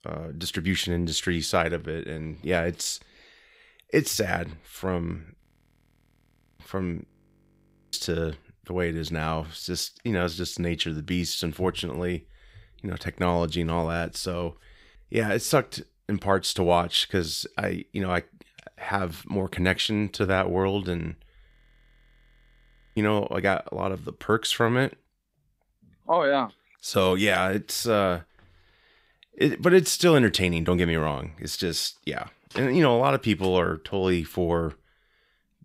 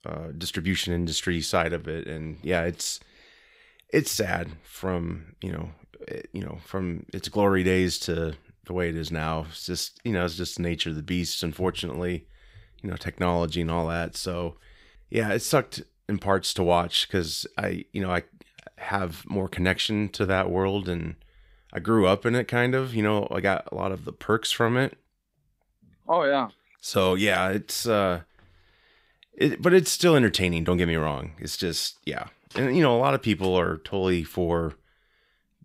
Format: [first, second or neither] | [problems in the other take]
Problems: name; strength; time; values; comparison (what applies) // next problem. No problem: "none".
second | audio freezing; at 5.5 s for 1 s, at 7 s for 1 s and at 21 s for 1.5 s